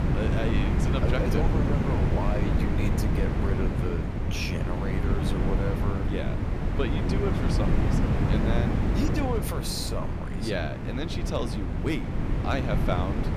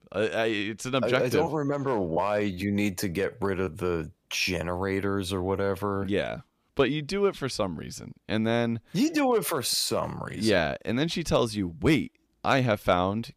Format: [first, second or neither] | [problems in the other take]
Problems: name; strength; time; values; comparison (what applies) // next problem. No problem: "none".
second | wind noise on the microphone; heavy; as loud as the speech